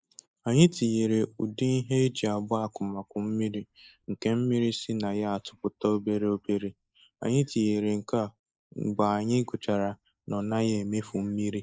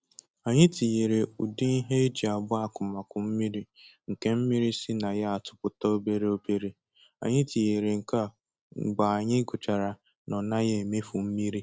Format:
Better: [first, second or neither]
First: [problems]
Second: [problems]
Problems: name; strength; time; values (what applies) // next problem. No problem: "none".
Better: second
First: noise reduction (neural mask model Resemble Enhance denoiser)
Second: none